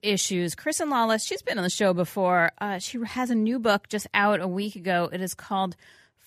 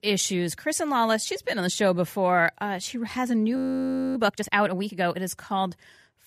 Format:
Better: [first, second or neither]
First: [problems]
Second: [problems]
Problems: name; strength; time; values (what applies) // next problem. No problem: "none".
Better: first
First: none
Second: audio freezing; at 3.5 s for 0.5 s